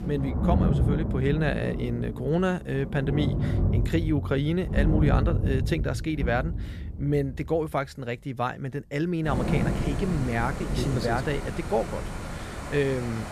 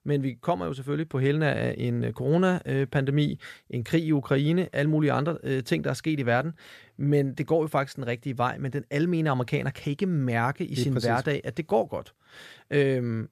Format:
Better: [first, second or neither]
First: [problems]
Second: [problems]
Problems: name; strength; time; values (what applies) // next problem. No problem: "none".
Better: second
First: rain or running water; loud; throughout; 1 dB below the speech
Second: none